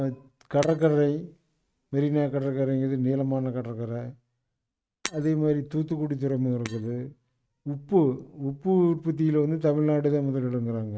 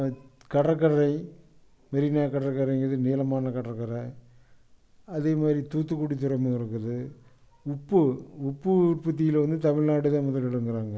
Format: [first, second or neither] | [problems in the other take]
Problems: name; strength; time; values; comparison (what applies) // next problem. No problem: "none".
second | noise reduction (neural mask model RNNoise)